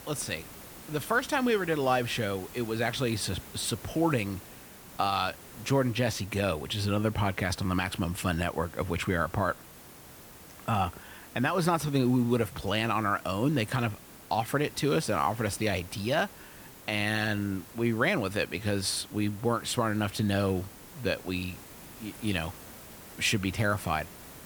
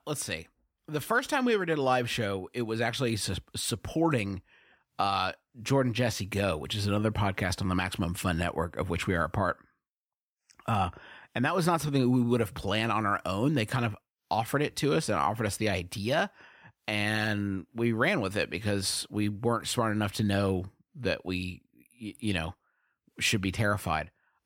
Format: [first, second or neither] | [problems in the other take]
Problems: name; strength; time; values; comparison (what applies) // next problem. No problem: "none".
second | hiss; noticeable; throughout; 15 dB below the speech